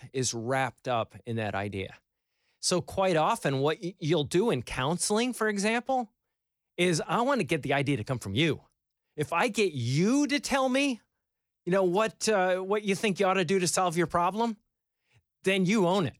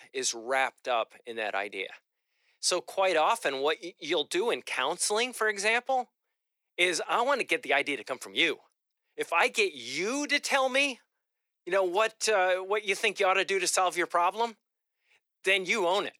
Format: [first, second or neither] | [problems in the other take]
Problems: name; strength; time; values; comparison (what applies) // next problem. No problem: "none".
first | thin; somewhat; fading below 400 Hz